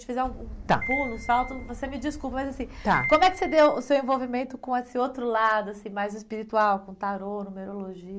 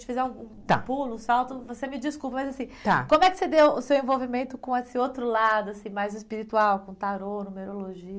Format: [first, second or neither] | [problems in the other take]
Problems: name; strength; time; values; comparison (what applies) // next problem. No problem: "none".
second | background sound (Piano + Gull, seagull / Wind); 11 dB below the speech